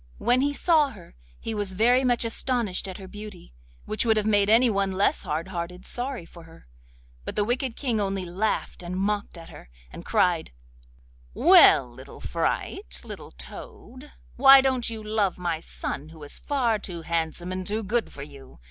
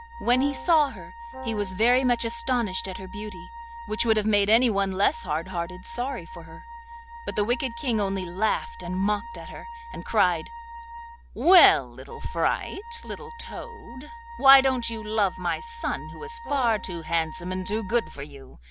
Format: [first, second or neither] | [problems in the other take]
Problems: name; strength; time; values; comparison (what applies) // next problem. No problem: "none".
first | background sound (Wind instrument, woodwind instrument + Brass instrument); 14 dB below the speech